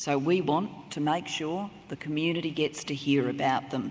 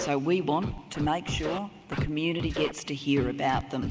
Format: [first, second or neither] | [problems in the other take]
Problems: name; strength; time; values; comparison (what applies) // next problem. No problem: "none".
first | background sound (Scratching (performance technique)); 7 dB below the speech